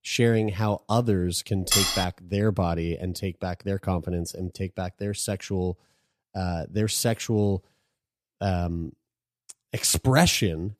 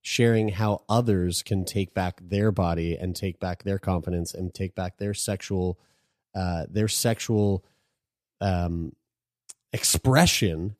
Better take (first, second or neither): second